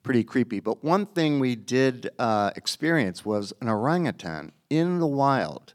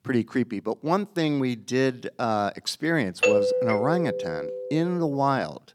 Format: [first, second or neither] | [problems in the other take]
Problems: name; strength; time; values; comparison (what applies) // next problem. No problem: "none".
first | doorbell; loud; from 3 to 5 s; peak 5 dB above the speech